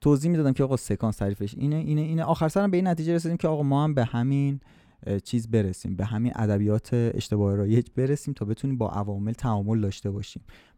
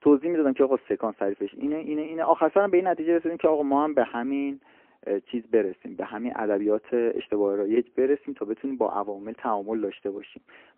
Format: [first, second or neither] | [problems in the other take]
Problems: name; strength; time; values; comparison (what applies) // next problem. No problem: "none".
first | phone-call audio; poor line